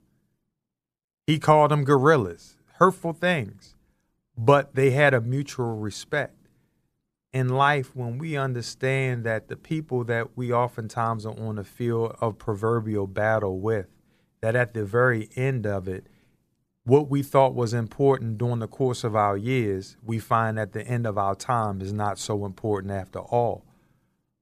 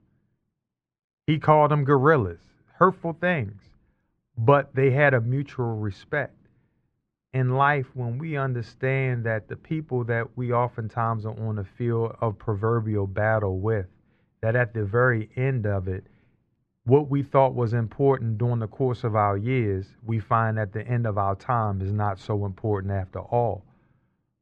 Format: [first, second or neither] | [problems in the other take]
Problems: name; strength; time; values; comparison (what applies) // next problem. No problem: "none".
first | muffled; very; fading above 2 kHz